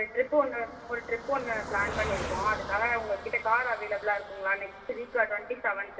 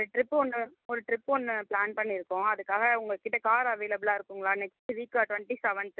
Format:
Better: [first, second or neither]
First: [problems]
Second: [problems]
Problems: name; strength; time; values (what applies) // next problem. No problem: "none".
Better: second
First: background sound (Car passing by); 11 dB below the speech // room echo; dies away in 2.7 s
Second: none